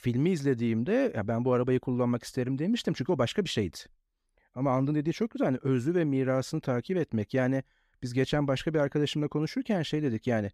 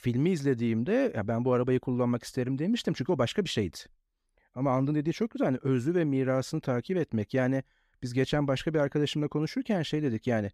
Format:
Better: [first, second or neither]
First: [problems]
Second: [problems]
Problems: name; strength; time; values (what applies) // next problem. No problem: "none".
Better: neither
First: none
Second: none